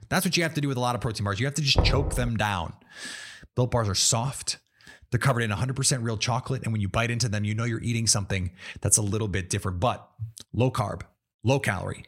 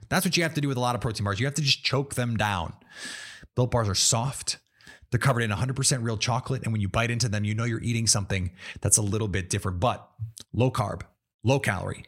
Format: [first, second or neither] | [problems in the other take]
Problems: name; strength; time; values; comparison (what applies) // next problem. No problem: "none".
second | door banging; noticeable; at 2 s; peak level with the speech